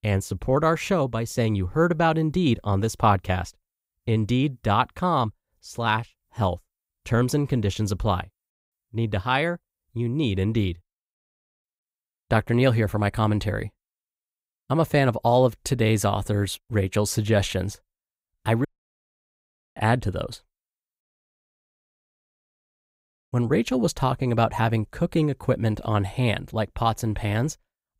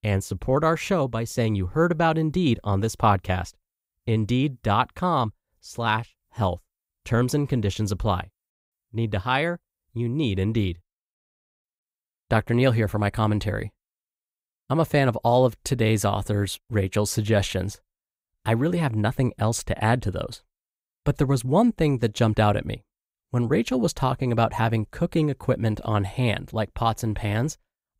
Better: second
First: audio cutting out; at 19 s for 1 s and at 21 s for 2.5 s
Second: none

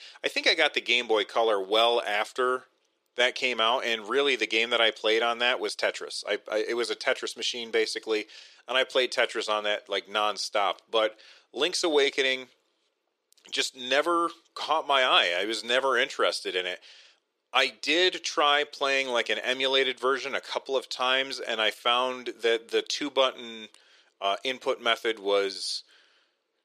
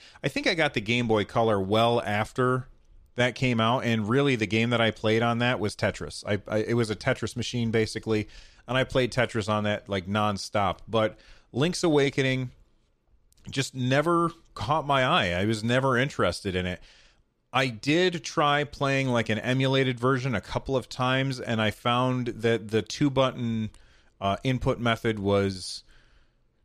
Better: second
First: thin; very; fading below 400 Hz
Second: none

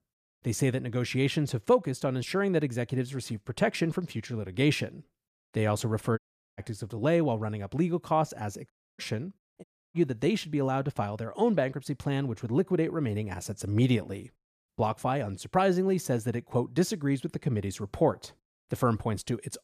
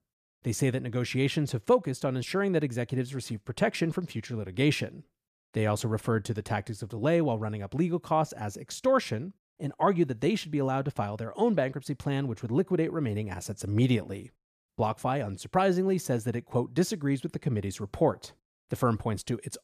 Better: second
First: audio cutting out; at 6 s, at 8.5 s and at 9.5 s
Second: none

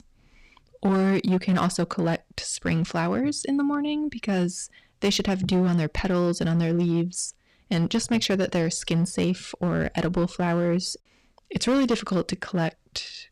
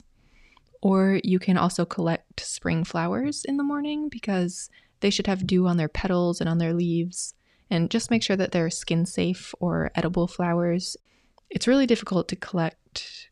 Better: second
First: distortion; slight; 7% of the sound clipped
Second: none

